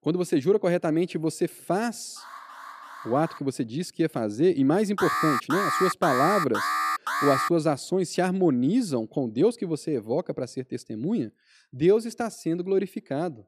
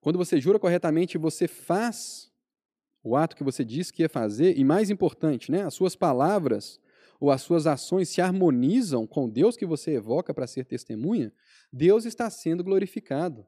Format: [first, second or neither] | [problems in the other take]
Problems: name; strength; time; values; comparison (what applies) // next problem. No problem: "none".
second | alarm; faint; from 2 to 3.5 s; peak 15 dB below the speech // alarm; loud; from 5 to 7.5 s; peak 1 dB above the speech